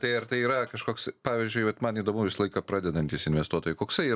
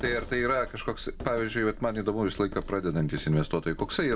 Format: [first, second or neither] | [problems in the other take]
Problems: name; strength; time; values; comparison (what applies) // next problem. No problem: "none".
first | background sound (Coin (dropping)); 12 dB below the speech // room echo; dies away in 0.2 s